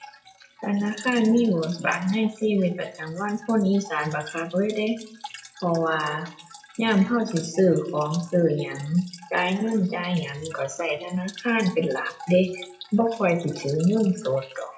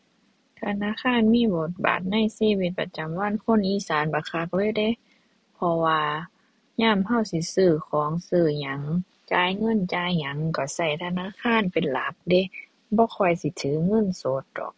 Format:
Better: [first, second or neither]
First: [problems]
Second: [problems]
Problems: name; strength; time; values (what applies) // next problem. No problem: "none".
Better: second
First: noise reduction (classical method WPE with log-MMSE)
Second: none